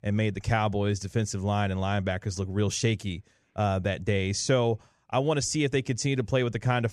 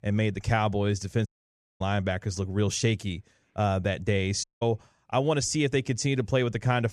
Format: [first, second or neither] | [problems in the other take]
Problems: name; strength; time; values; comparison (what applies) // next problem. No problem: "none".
first | audio cutting out; at 1.5 s for 0.5 s and at 4.5 s